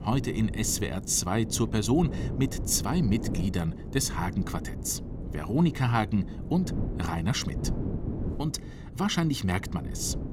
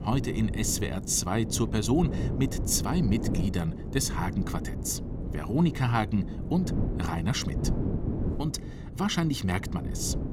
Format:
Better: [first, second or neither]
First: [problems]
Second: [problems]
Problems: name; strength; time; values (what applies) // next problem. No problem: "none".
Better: first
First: wind noise on the microphone; occasional gusts; 10 dB below the speech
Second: wind noise on the microphone; heavy; 9 dB below the speech